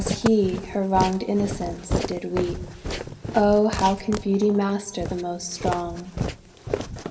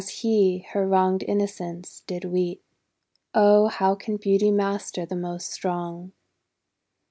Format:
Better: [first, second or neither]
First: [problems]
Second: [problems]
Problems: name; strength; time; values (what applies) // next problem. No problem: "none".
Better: second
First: background sound (Walk, footsteps); 6 dB below the speech // room echo; dies away in 2.1 s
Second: none